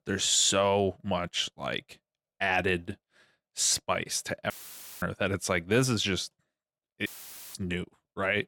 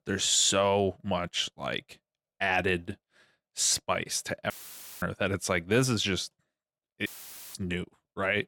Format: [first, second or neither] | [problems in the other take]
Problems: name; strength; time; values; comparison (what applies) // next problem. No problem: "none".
neither | audio cutting out; filled with static; at 4.5 s for 0.5 s and at 7 s; the same in both